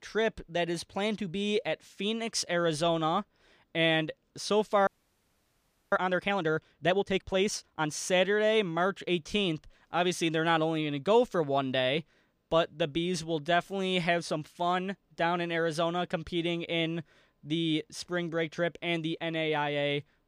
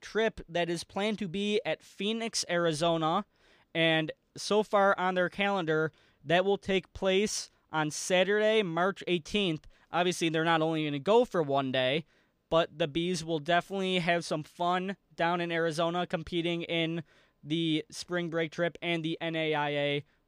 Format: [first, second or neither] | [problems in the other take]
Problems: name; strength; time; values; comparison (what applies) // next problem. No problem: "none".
second | audio freezing; at 5 s for 1 s